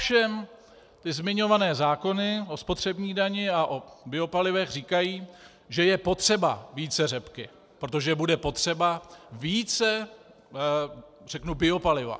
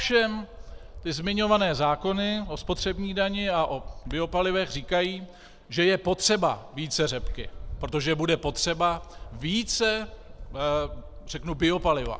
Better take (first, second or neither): first